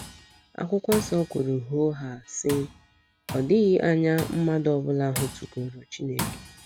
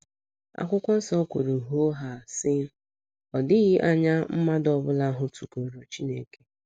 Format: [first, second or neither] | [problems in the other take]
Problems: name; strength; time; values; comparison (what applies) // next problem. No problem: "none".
second | background sound (Tools); 12 dB below the speech